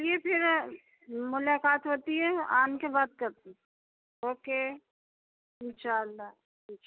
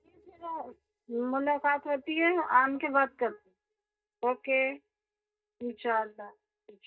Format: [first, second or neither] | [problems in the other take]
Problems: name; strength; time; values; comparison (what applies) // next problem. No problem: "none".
first | noise reduction (neural mask model DeepFilterNet 3)